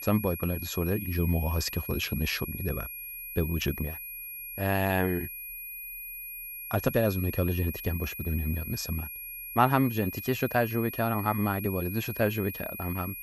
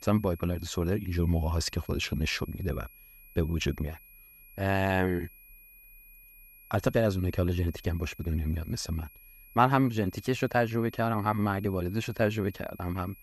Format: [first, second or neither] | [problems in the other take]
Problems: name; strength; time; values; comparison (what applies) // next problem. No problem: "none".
second | high-pitched whine; loud; throughout; 2.5 kHz, 7 dB below the speech; faint in the second